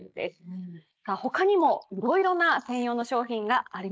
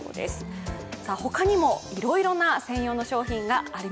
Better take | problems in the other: second | noise reduction (neural mask model Resemble Enhance denoiser)

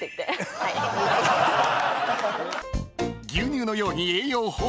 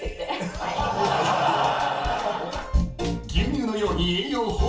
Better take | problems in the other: first | background sound (Drum kit); 15 dB below the speech // room echo; dies away in 0.4 s

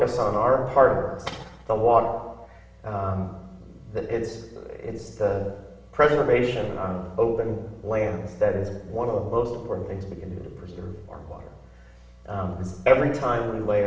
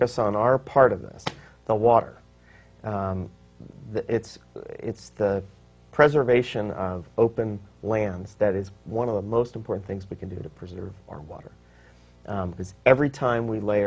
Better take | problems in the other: second | room echo; dies away in 0.9 s

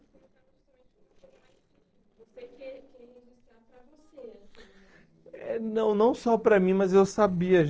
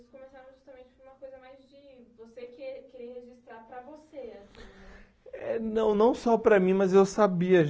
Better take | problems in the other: second | noise reduction (neural separator model SepFormer DNS4)

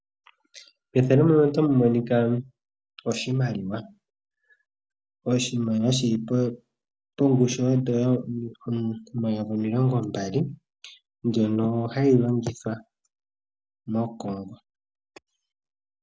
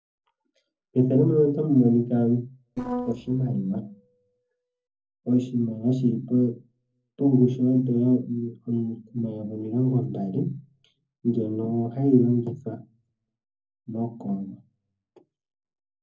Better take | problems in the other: first | noise reduction (neural separator model SepFormer DNS4)

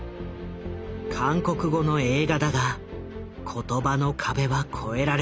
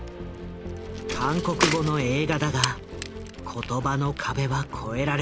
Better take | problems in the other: first | background sound (Bicycle); 7 dB below the speech

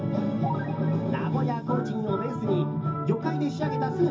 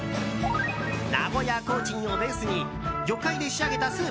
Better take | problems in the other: second | room echo; dies away in 0.4 s

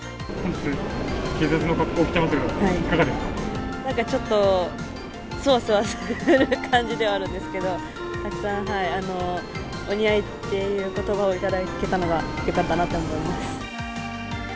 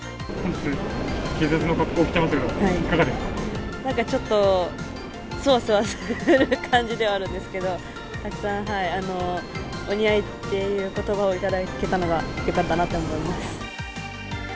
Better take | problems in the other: second | background sound (Wind instrument, woodwind instrument); 12 dB below the speech

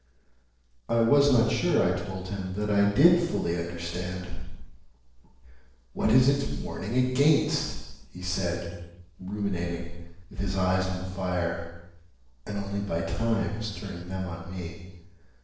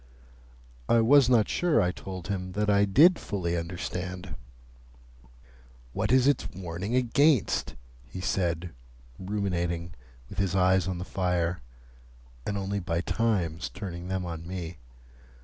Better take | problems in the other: second | noise reduction (neural separator model SepFormer DNS4)

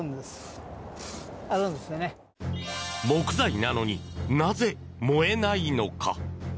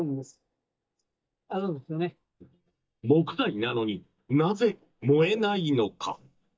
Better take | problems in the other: first | noise reduction (neural mask model DeepFilterNet 3)

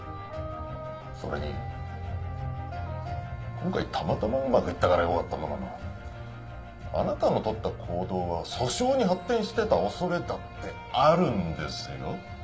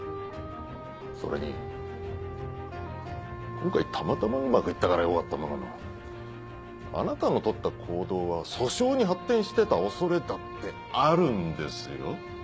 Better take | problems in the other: second | room echo; dies away in 0.7 s

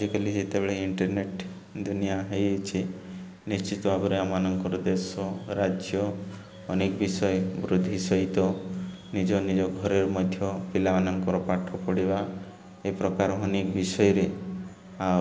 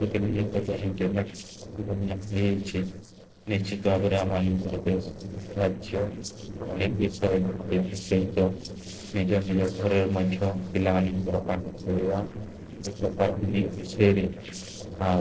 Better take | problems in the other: first | noise reduction (neural separator model SepFormer DNS4)

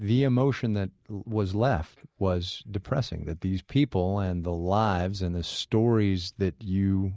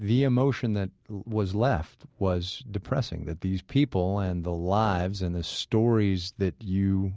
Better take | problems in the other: second | noise reduction (neural mask model Resemble Enhance denoiser)

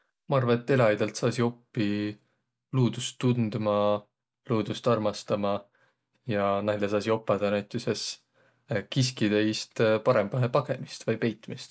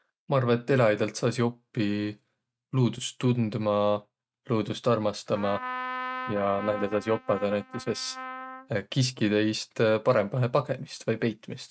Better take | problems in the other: first | noise reduction (neural mask model RNNoise)

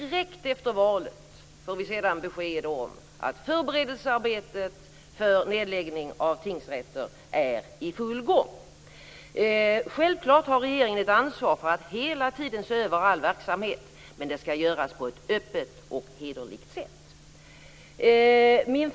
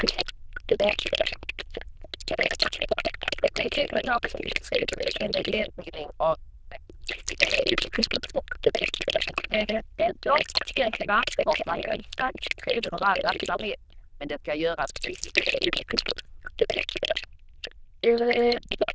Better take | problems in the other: first | noise reduction (neural diffusion model UNIVERSE++)

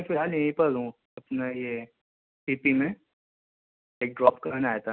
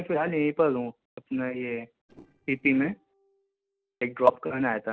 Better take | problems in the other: first | noise reduction (neural separator model SepFormer DNS4)

